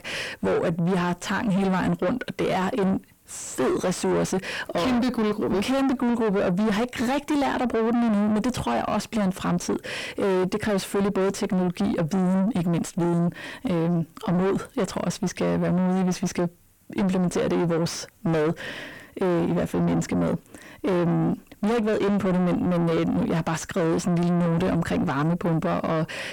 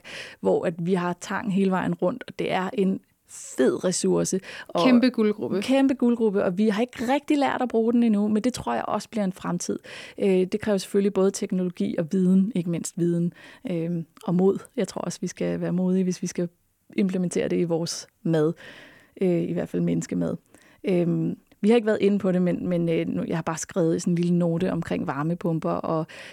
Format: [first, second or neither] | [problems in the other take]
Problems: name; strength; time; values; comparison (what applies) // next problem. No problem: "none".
second | distortion; heavy; 6 dB below the speech